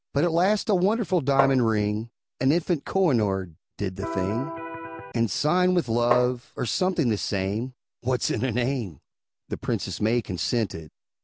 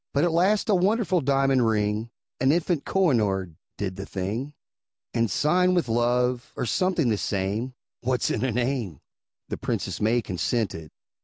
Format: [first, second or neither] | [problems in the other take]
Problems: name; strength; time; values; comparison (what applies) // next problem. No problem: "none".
second | background sound (Electric guitar + Tap); 5 dB below the speech